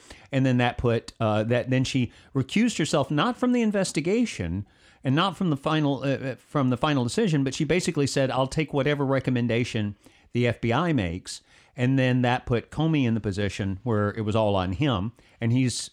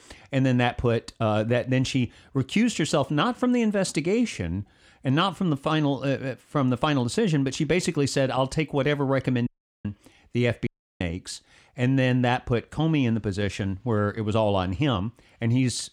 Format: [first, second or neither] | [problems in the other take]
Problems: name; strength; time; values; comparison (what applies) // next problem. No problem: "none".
first | audio cutting out; at 9.5 s and at 11 s